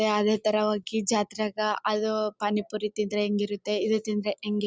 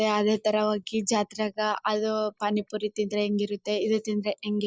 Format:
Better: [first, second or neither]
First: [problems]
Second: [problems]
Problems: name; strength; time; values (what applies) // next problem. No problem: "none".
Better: first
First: none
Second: noise reduction (neural mask model Resemble Enhance denoiser)